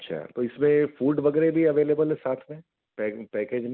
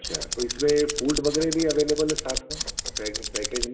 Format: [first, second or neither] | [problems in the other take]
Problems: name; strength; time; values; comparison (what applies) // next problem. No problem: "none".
first | background sound (Tools); 5 dB below the speech // room echo; dies away in 0.8 s